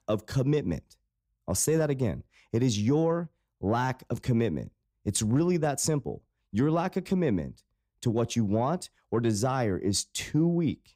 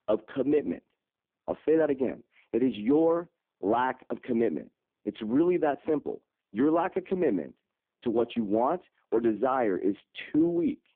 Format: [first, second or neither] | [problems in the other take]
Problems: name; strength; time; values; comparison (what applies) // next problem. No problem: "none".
first | phone-call audio; poor line; nothing above 3.5 kHz